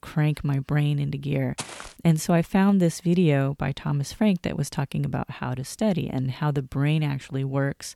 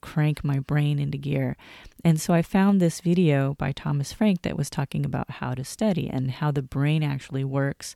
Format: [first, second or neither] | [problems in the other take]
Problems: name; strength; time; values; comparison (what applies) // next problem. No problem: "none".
second | footsteps; faint; at 1.5 s; peak 10 dB below the speech